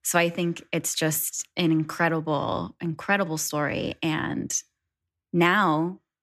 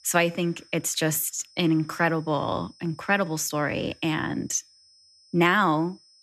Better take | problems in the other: first | high-pitched whine; faint; throughout; 5 kHz, 30 dB below the speech

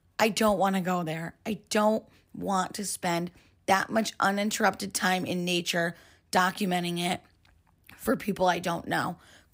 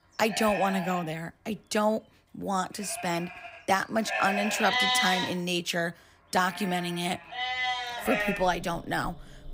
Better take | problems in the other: first | animal sounds; loud; throughout; 1 dB below the speech

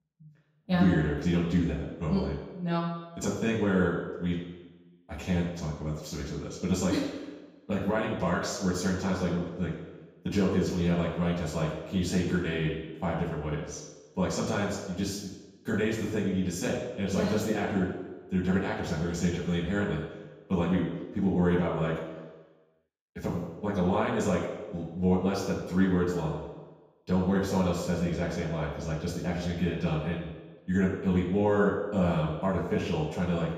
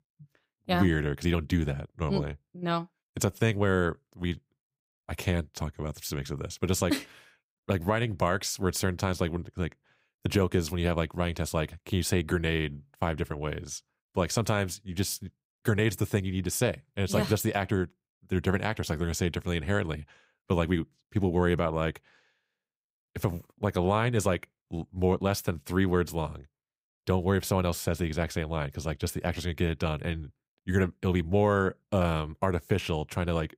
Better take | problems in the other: second | room echo; noticeable; dies away in 1.1 s // off-mic speech; far

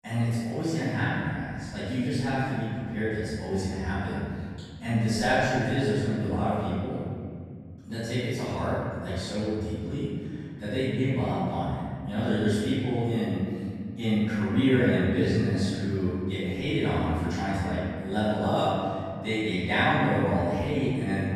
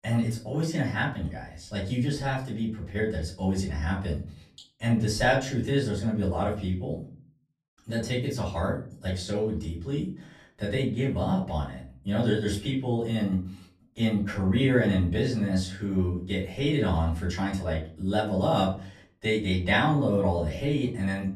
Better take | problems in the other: second | room echo; strong; dies away in 2.2 s; slight in the second // off-mic speech; far; far in the second

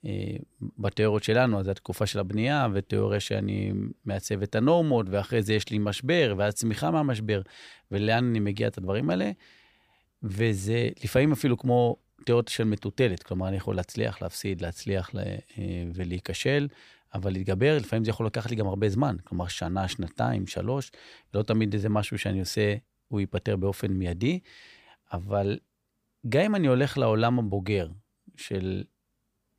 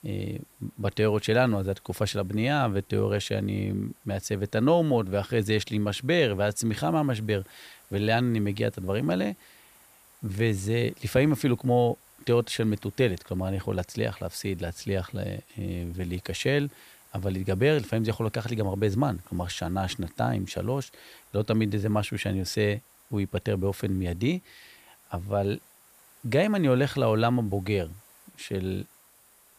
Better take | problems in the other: first | hiss; faint; throughout; 25 dB below the speech

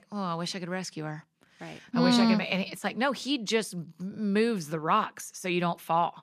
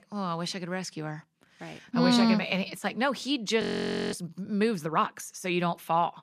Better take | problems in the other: first | audio freezing; at 3.5 s for 0.5 s

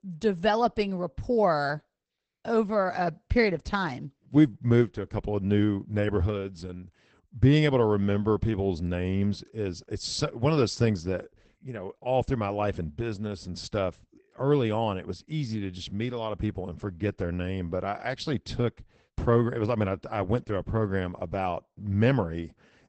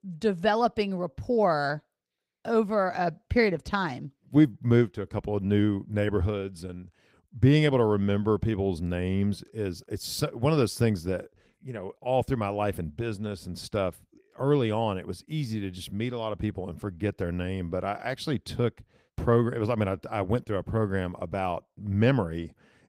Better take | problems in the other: second | garbled, watery; badly; nothing above 8 kHz; slightly in the second

